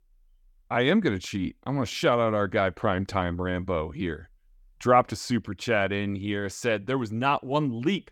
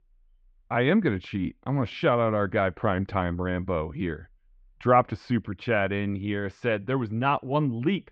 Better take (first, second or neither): first